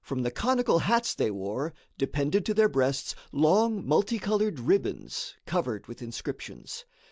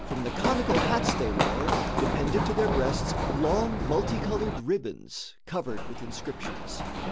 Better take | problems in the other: first | background sound (Run); 2 dB above the speech

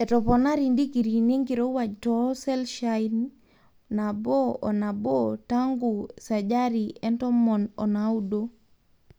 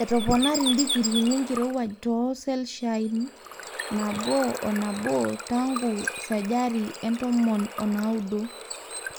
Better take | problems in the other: first | background sound (Water / Bird); 9 dB below the speech

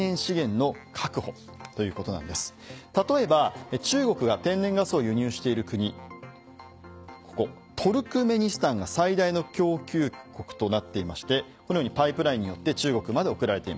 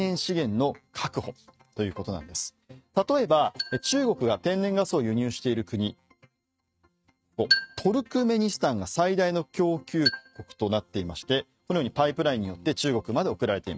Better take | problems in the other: first | noise reduction (neural mask model RNNoise)

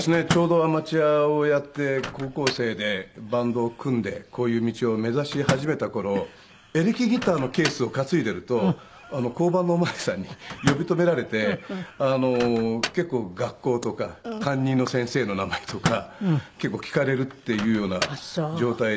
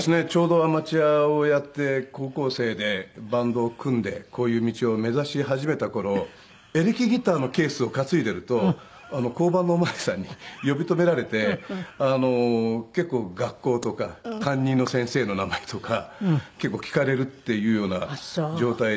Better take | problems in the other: second | background sound (Microwave oven); 12 dB below the speech

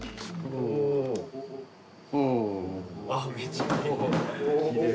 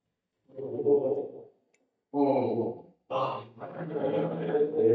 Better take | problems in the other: first | noise reduction (neural mask model DeepFilterNet 3)

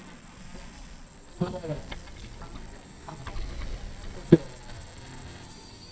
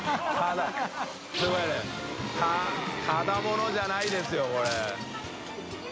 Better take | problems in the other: second | noise reduction (neural mask model DeepFilterNet 3)

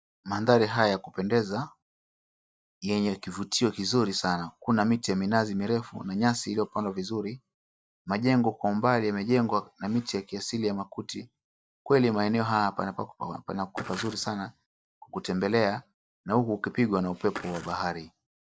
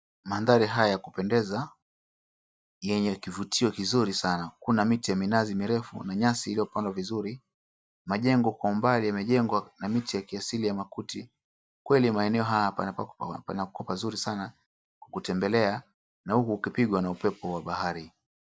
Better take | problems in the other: second | noise reduction (neural separator model SepFormer DNS4)

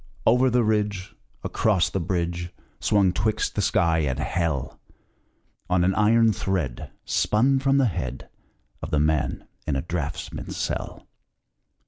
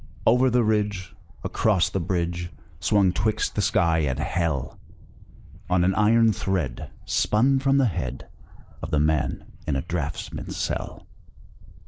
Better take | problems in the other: first | noise reduction (neural mask model Resemble Enhance denoiser)

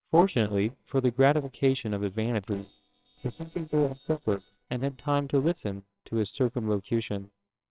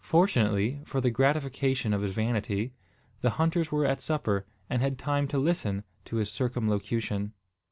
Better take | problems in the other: second | noise reduction (neural separator model SepFormer WHAMR!)

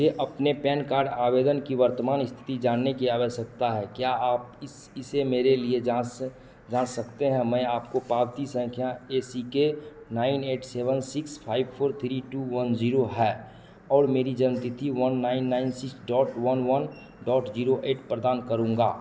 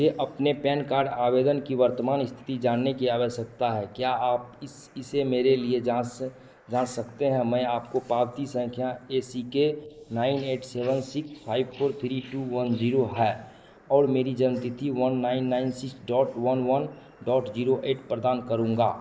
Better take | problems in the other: first | noise reduction (neural mask model Resemble Enhance denoiser)

